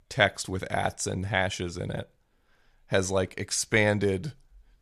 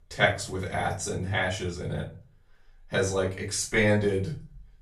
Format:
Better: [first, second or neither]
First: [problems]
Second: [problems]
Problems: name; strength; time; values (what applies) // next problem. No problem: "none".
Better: first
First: none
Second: off-mic speech; far // room echo; slight; dies away in 0.3 s